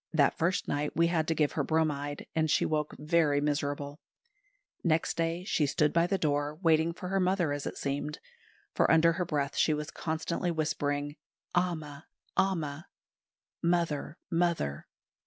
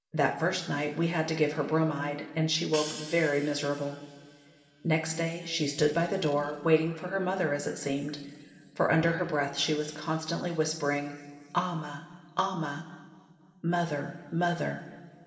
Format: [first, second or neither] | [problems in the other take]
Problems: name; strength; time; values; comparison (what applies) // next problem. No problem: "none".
first | background sound (Hi-hat); 15 dB below the speech // room echo; dies away in 2.9 s